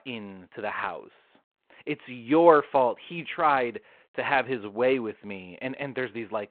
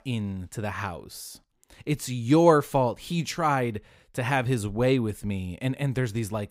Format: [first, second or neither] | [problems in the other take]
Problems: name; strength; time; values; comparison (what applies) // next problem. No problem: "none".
second | phone-call audio